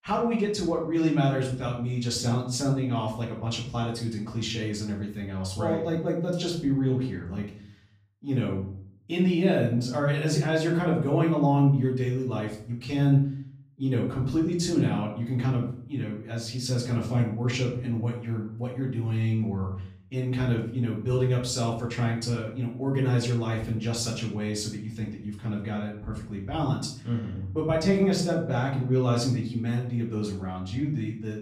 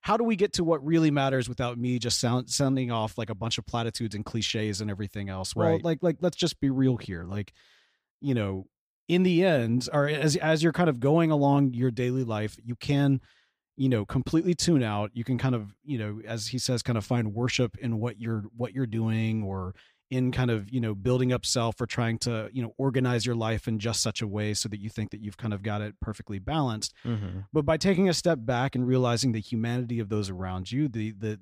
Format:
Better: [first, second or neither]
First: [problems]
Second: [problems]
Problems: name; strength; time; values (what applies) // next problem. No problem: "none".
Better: second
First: off-mic speech; far // room echo; slight; dies away in 0.5 s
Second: none